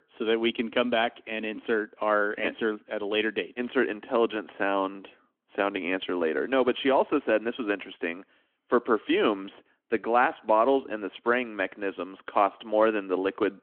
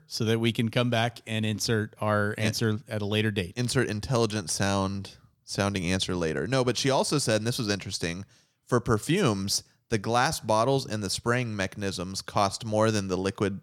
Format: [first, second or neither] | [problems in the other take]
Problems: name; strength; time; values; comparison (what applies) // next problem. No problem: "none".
second | phone-call audio; nothing above 3.5 kHz